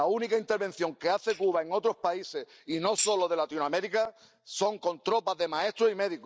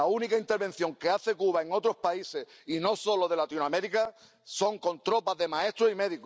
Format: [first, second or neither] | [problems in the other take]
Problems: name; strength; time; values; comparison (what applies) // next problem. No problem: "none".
second | noise reduction (neural mask model DeepFilterNet 3)